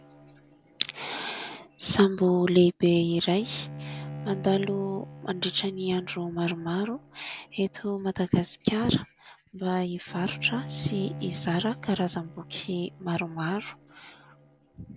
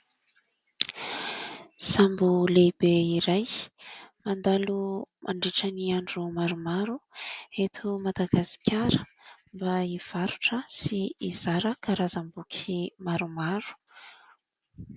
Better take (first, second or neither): second